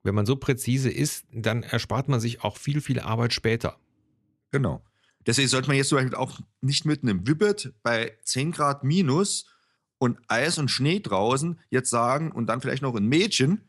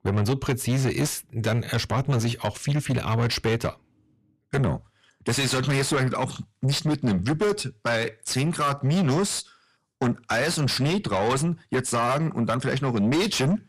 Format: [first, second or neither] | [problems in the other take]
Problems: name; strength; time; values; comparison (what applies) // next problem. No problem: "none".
first | distortion; heavy; 7 dB below the speech